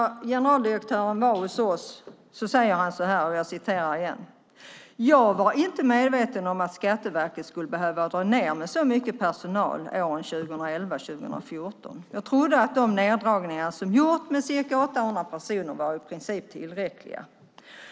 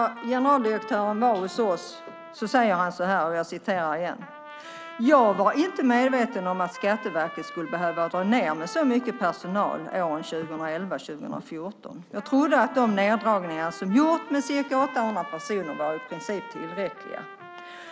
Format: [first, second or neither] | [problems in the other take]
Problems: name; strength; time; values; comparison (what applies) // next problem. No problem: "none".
first | background sound (Trumpet); 16 dB below the speech